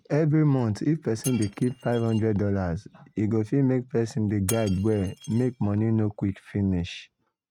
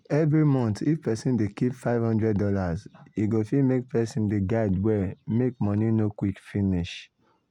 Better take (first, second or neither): second